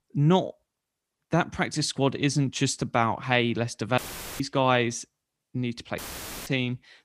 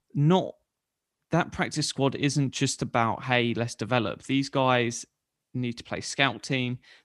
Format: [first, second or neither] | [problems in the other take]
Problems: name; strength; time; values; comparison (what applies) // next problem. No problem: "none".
second | audio cutting out; filled with static; at 4 s and at 6 s